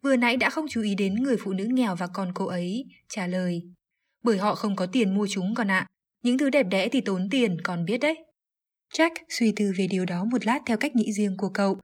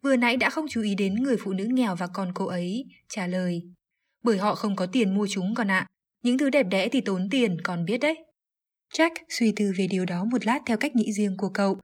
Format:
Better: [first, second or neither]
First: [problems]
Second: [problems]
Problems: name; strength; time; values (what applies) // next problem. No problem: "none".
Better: neither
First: none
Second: none